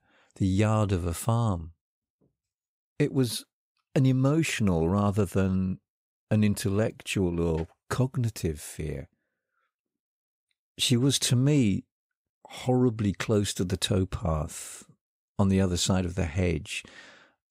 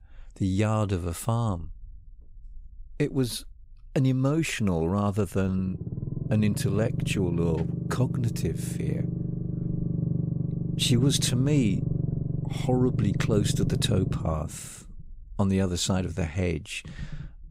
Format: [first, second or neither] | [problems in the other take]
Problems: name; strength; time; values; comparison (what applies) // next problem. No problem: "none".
first | low rumble; loud; throughout; 8 dB below the speech